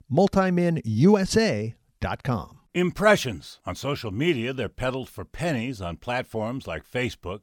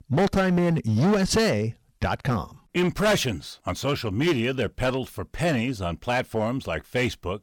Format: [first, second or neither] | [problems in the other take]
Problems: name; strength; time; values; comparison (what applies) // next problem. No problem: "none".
first | distortion; heavy; 9% of the sound clipped